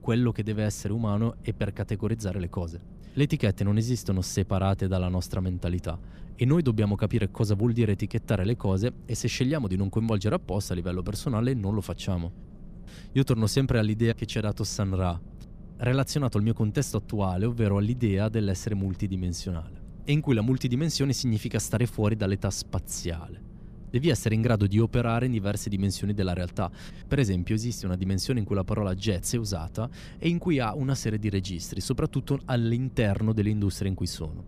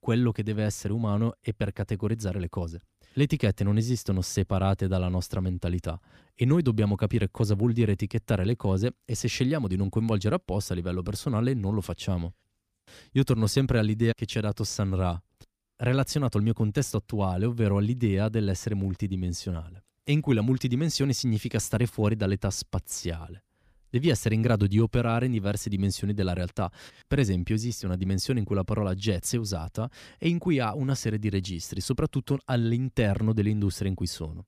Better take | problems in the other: second | low rumble; faint; throughout; 25 dB below the speech

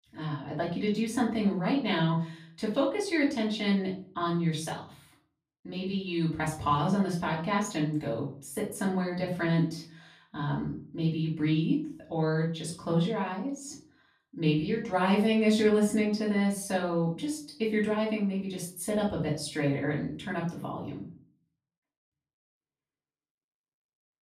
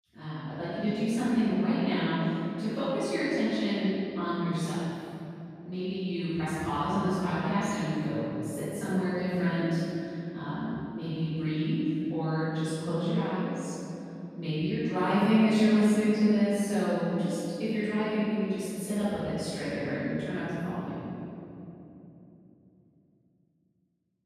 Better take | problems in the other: first | room echo; strong; dies away in 3 s; slight in the first // off-mic speech; far; far in the first

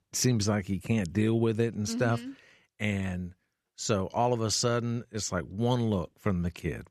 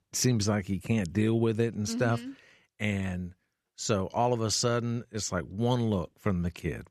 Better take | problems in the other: neither | none

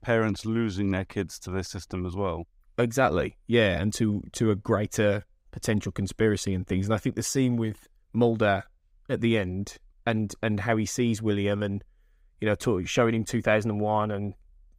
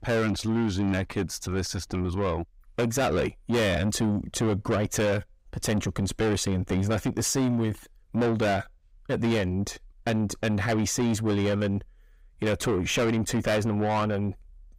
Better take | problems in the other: first | distortion; heavy; 7 dB below the speech

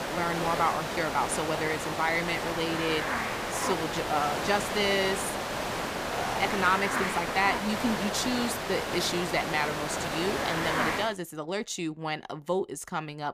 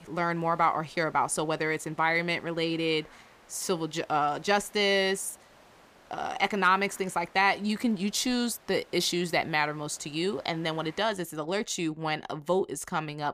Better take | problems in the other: second | hiss; loud; until 11 s; 1 dB below the speech; faint in the second

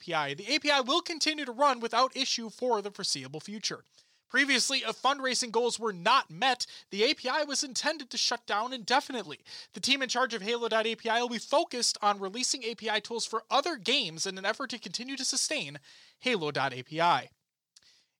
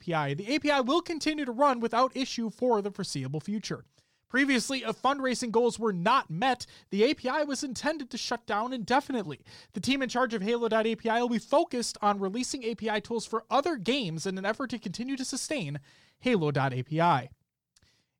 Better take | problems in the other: second | thin; very slightly; fading below 1 kHz

